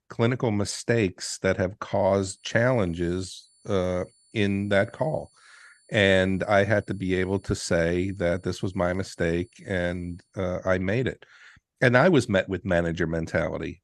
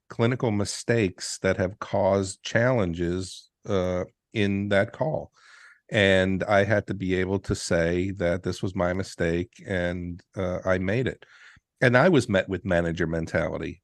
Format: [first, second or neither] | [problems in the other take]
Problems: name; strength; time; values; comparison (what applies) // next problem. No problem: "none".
second | high-pitched whine; faint; from 2 to 10 s; 9.5 kHz, 35 dB below the speech